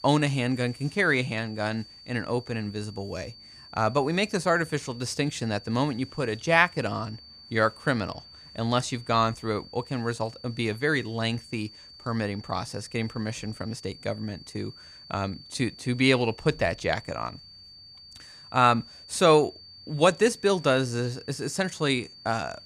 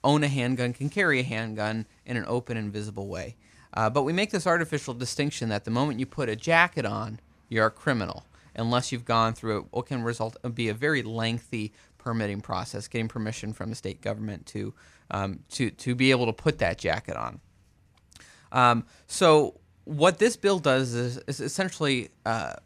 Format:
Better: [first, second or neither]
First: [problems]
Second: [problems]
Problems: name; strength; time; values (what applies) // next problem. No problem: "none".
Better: second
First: high-pitched whine; noticeable; throughout; 4.5 kHz, 20 dB below the speech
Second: none